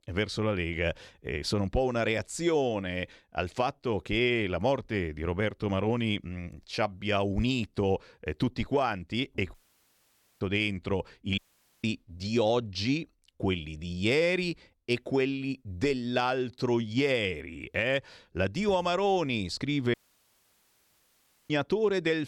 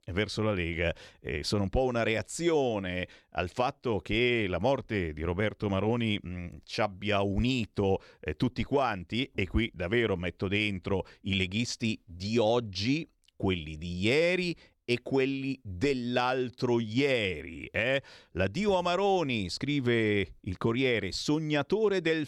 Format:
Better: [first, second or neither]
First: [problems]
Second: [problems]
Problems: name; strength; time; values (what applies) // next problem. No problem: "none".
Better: second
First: audio cutting out; at 9.5 s for 1 s, at 11 s and at 20 s for 1.5 s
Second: none